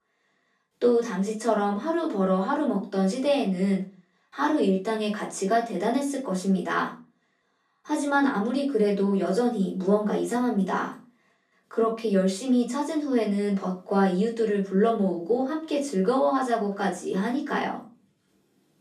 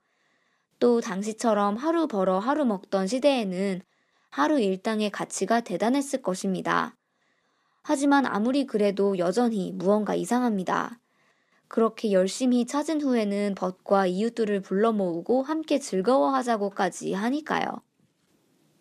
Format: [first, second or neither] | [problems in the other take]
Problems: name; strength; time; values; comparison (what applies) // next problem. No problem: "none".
second | off-mic speech; far // room echo; very slight; dies away in 0.3 s